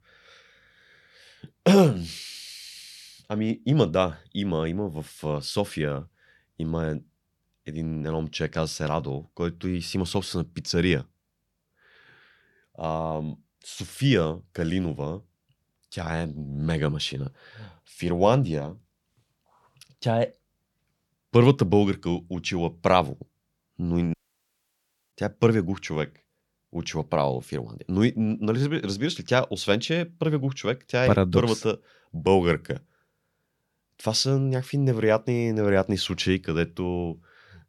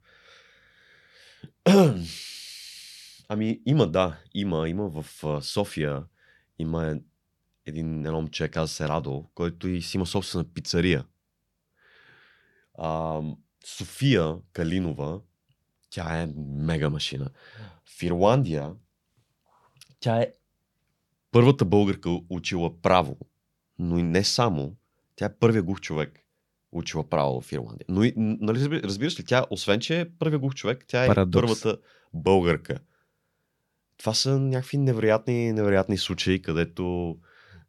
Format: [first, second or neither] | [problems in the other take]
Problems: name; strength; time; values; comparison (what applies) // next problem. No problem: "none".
second | audio cutting out; at 24 s for 1 s